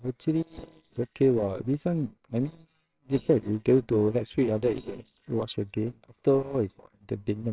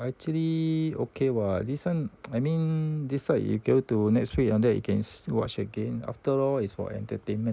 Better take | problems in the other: second | noise reduction (neural separator model SepFormer WHAMR!)

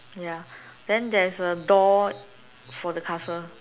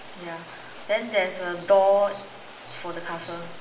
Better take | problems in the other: first | background sound (Rain); 18 dB below the speech // room echo; dies away in 1.9 s

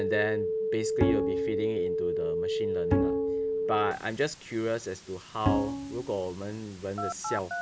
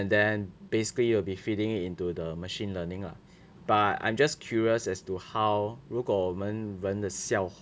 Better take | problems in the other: second | background sound (Bowed string instrument + Telephone); 3 dB above the speech

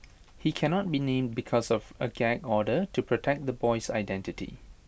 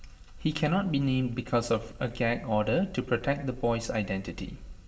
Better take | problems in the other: first | room echo; dies away in 1.6 s

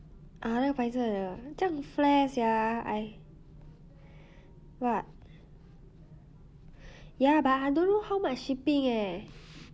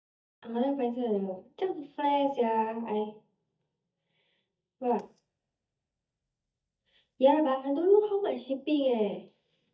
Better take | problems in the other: first | noise reduction (neural mask model DeepFilterNet 3)

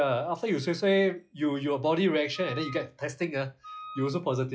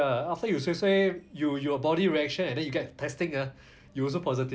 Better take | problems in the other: second | noise reduction (classical method log-MMSE)

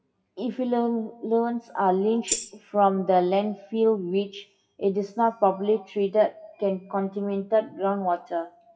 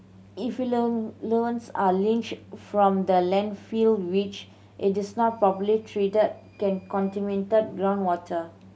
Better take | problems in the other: second | noise reduction (classical method WPE with log-MMSE)

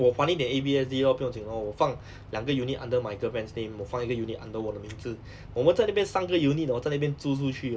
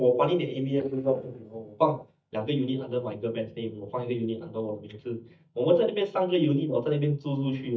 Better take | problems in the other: first | noise reduction (neural mask model DeepFilterNet 3)

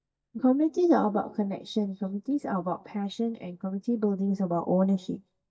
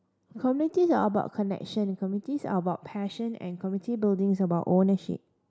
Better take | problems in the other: second | noise reduction (neural mask model DeepFilterNet 3)

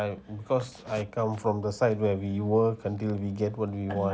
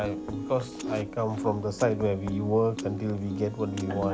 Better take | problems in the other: first | background sound (Piano); 8 dB below the speech

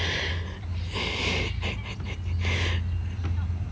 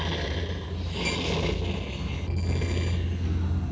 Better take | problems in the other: first | noise reduction (neural separator model SepFormer DNS4)

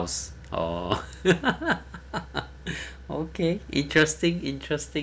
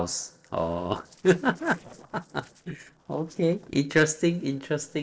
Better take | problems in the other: first | noise reduction (neural separator model SepFormer DNS4)

